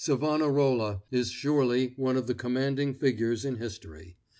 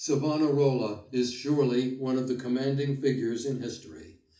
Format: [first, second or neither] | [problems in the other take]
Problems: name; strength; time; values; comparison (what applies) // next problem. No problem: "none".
first | room echo; dies away in 0.4 s